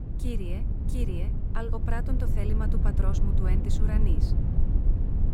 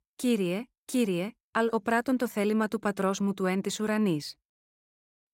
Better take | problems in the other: second | low rumble; loud; throughout; 2 dB below the speech

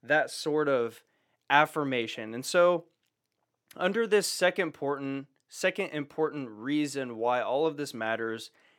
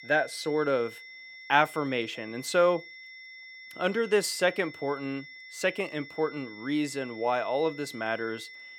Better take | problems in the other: first | high-pitched whine; noticeable; throughout; 2 kHz, 15 dB below the speech

